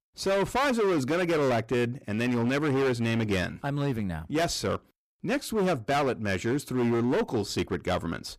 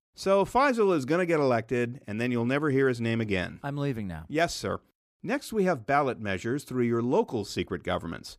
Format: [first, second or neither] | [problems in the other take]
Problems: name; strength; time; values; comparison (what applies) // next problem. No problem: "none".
second | distortion; heavy; 19% of the sound clipped